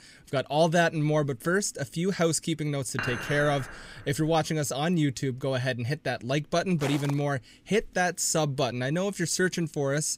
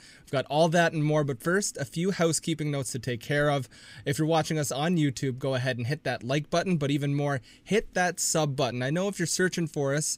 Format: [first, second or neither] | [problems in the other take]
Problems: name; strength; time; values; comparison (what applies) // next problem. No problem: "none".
second | clattering dishes; noticeable; from 3 to 4.5 s; peak 5 dB below the speech // footsteps; noticeable; at 7 s; peak 9 dB below the speech